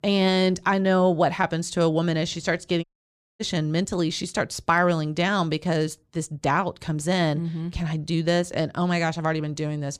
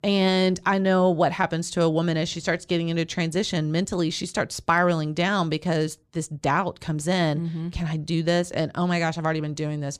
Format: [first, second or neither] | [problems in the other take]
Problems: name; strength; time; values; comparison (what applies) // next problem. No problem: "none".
second | audio cutting out; at 3 s for 0.5 s